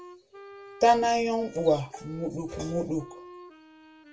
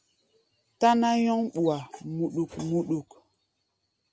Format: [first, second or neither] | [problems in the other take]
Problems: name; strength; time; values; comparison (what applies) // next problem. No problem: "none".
second | background sound (Wind instrument, woodwind instrument); 20 dB below the speech // room echo; dies away in 0.2 s